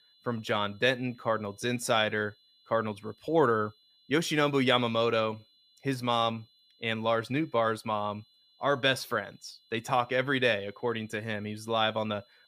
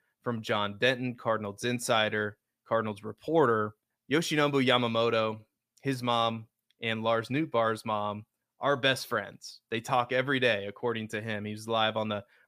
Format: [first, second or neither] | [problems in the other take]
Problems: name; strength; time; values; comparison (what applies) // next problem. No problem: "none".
second | high-pitched whine; faint; throughout; 4 kHz, 30 dB below the speech